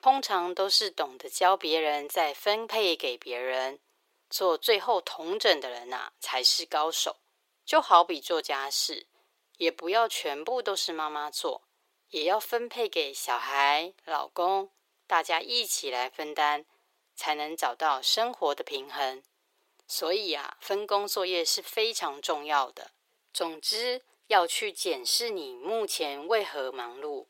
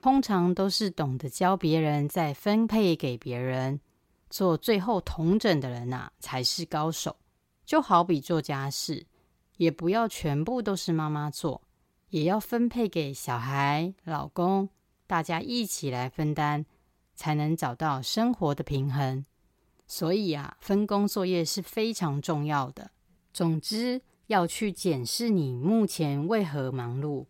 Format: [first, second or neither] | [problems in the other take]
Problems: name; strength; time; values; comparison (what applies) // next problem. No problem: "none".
second | thin; very; fading below 400 Hz